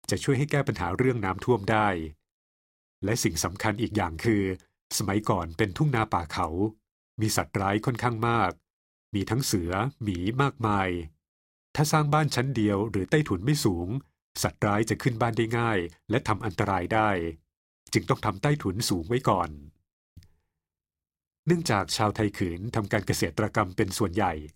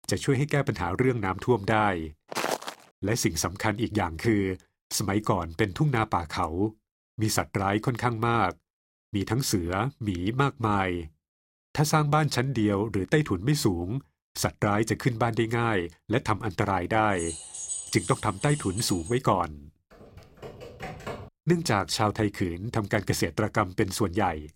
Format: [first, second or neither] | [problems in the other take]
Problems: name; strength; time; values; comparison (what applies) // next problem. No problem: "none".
first | footsteps; noticeable; at 2.5 s; peak 3 dB below the speech // jangling keys; noticeable; from 17 to 19 s; peak 5 dB below the speech // keyboard typing; faint; from 20 to 21 s; peak 10 dB below the speech